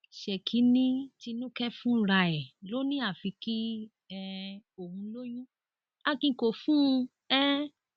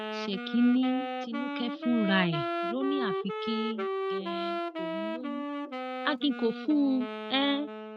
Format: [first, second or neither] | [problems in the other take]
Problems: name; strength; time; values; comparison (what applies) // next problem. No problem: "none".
first | noise reduction (neural mask model RNNoise)